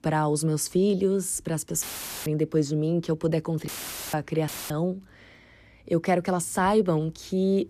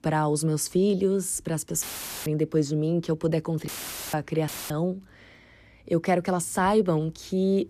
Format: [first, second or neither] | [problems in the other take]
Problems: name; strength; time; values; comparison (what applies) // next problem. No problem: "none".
neither | audio cutting out; filled with static; at 2 s, at 3.5 s and at 4.5 s; the same in both